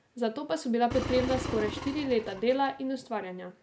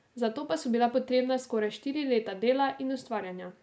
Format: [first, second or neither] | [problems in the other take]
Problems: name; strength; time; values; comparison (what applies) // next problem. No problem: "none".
second | background sound (Engine); 7 dB below the speech